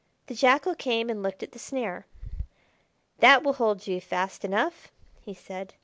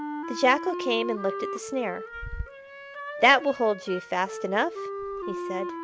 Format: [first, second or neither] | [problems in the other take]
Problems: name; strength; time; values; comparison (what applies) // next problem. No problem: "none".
first | background sound (Wind instrument, woodwind instrument); 8 dB below the speech